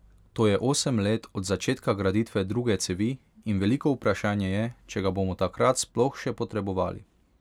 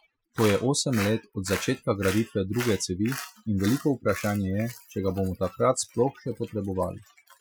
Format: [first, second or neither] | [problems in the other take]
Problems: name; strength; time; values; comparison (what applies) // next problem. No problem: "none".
first | noise reduction (classical method Wiener filter)